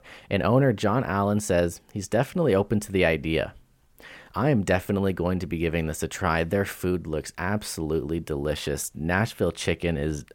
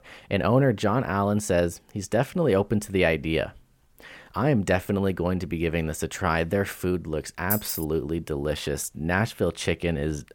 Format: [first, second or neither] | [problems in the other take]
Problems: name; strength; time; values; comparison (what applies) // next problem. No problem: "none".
first | jangling keys; noticeable; at 7.5 s; peak 2 dB below the speech